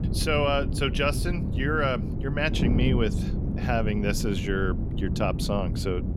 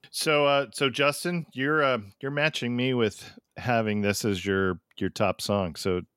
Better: second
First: wind noise on the microphone; heavy; 10 dB below the speech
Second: none

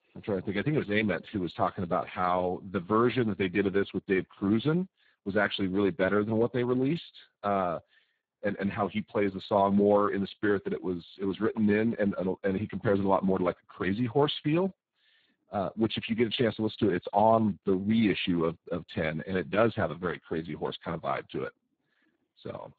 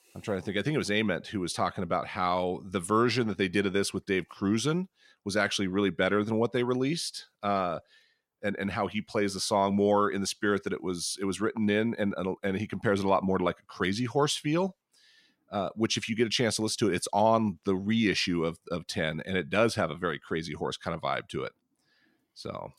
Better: second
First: garbled, watery; badly; nothing above 4 kHz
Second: none

